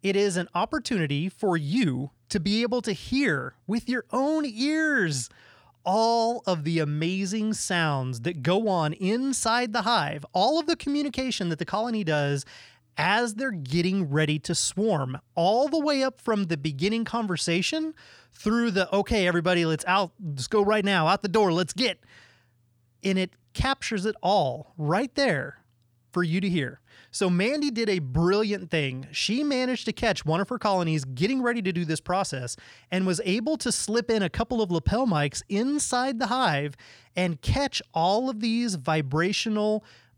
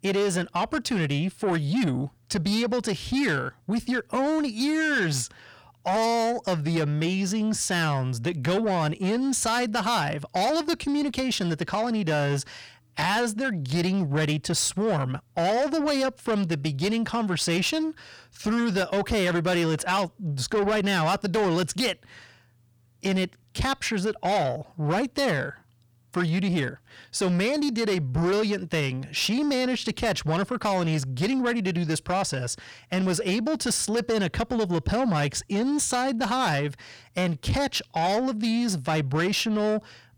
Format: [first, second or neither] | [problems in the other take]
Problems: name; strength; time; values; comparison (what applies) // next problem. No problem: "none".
first | distortion; slight; 10 dB below the speech